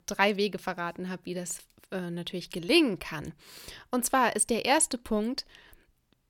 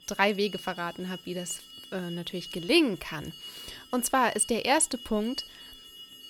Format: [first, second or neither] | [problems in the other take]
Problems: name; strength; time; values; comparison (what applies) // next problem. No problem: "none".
first | alarm; faint; peak 15 dB below the speech